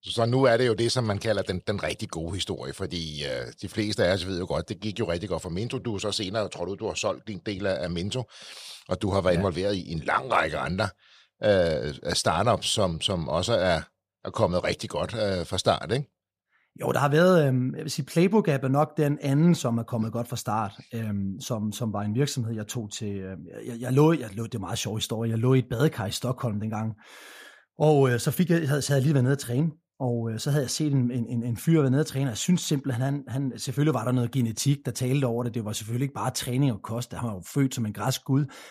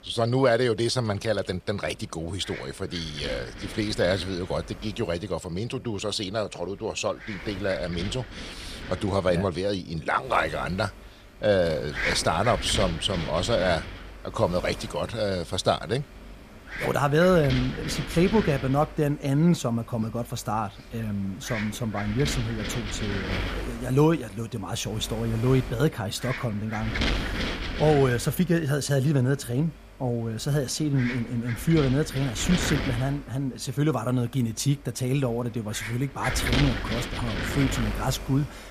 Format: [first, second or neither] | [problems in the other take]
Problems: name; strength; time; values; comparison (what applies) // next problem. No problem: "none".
first | wind noise on the microphone; heavy; 6 dB below the speech